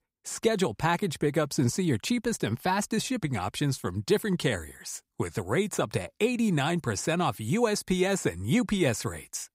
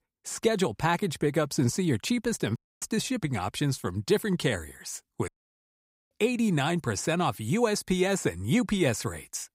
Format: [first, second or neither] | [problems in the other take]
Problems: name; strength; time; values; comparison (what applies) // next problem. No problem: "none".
first | audio cutting out; at 2.5 s and at 5.5 s for 1 s